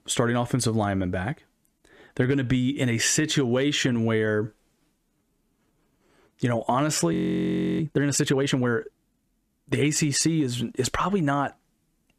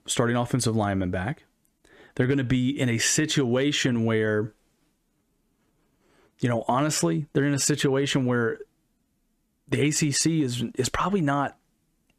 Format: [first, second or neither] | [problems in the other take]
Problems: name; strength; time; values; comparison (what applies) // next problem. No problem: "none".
second | audio freezing; at 7 s for 0.5 s